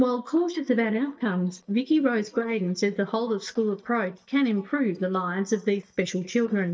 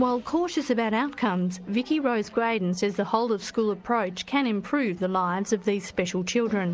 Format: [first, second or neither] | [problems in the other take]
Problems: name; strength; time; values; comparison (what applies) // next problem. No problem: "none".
second | noise reduction (neural mask model DeepFilterNet 3)